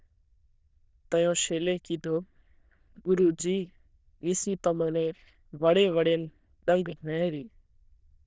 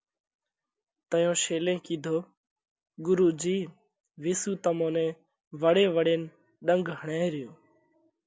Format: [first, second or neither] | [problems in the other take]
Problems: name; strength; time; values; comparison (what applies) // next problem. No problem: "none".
second | noise reduction (neural diffusion model UNIVERSE++)